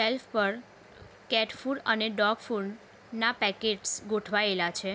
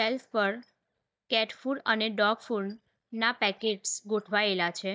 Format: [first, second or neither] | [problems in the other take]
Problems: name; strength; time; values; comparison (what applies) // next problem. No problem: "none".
first | noise reduction (neural mask model DeepFilterNet 3)